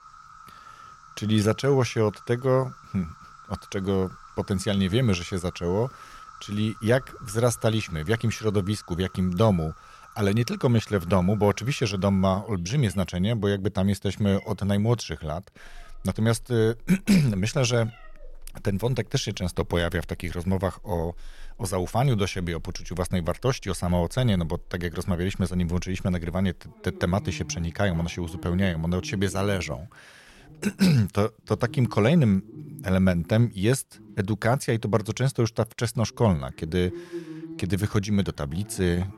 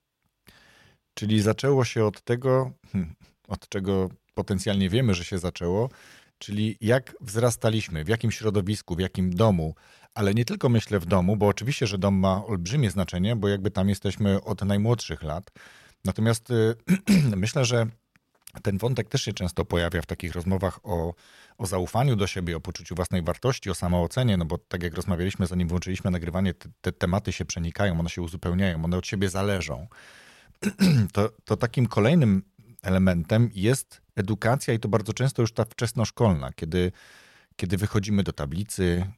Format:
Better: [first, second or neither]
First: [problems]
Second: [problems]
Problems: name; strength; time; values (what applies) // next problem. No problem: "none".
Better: second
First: animal sounds; faint; throughout; 20 dB below the speech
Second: none